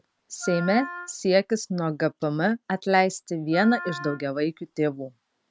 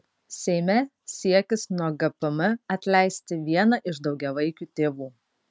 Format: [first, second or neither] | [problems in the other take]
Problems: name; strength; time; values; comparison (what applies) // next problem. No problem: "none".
second | background sound (Wind instrument, woodwind instrument); 13 dB below the speech